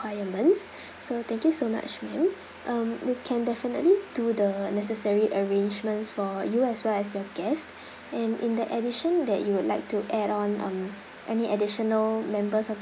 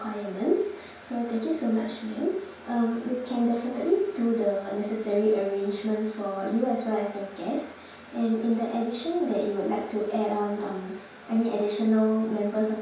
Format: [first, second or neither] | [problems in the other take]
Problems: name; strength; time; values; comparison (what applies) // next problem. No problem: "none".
first | room echo; dies away in 0.5 s